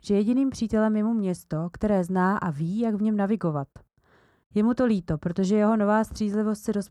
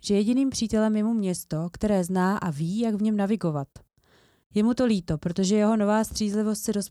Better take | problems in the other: second | muffled; slightly; fading above 2.5 kHz

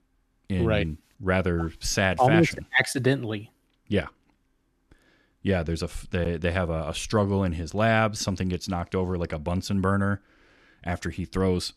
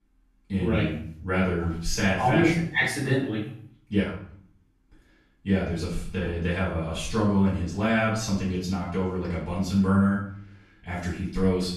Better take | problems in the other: first | off-mic speech; far // room echo; noticeable; dies away in 0.5 s

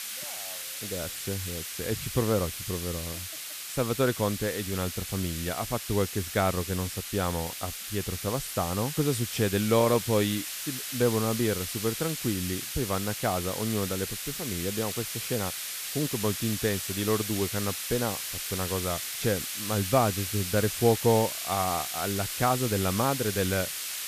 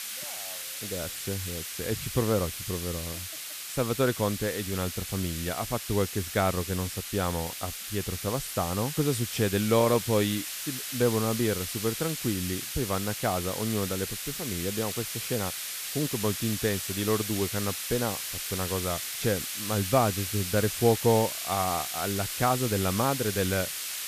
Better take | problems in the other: neither | hiss; loud; throughout; 4 dB below the speech; the same in both

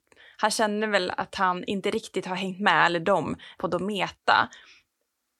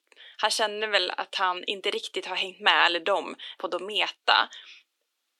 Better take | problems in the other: first | thin; somewhat; fading below 300 Hz

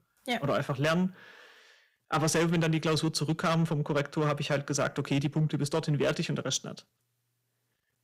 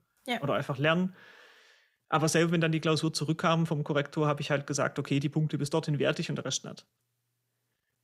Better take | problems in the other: second | distortion; slight; 6% of the sound clipped

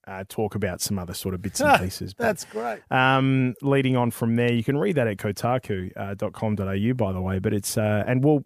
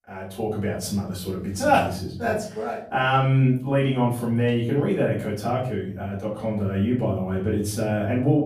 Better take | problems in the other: first | off-mic speech; far // room echo; slight; dies away in 0.6 s

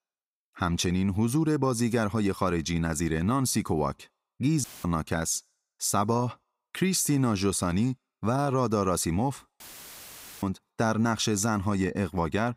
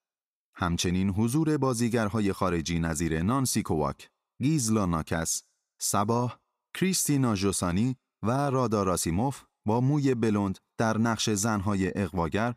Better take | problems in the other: second | audio cutting out; filled with static; at 4.5 s and at 9.5 s for 1 s

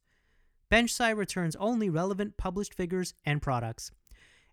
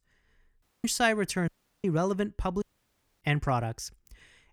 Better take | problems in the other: first | audio cutting out; at 0.5 s, at 1.5 s and at 2.5 s for 0.5 s

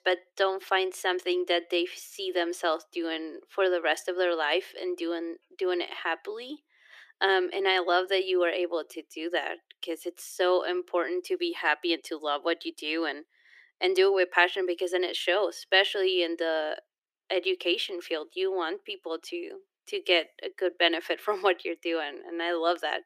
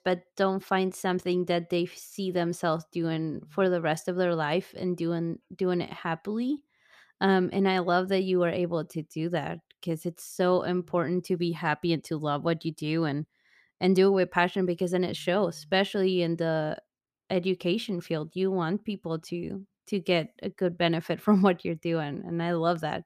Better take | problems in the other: second | thin; very; fading below 350 Hz

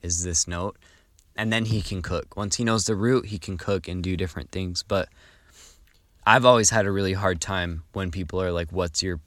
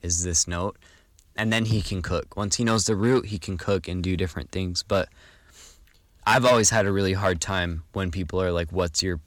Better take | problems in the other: first | distortion; slight; 1.5% of the sound clipped

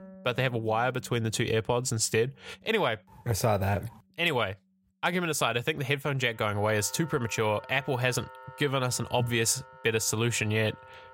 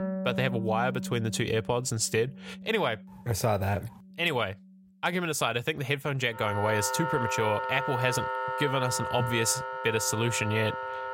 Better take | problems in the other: first | background music; loud; throughout; 5 dB below the speech; faint in the first

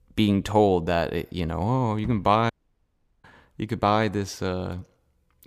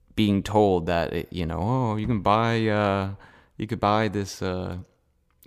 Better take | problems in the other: second | audio cutting out; at 2.5 s for 0.5 s

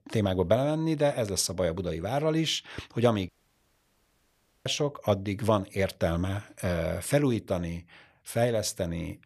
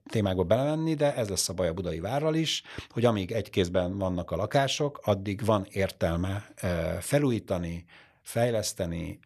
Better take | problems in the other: second | audio cutting out; at 3.5 s for 1.5 s

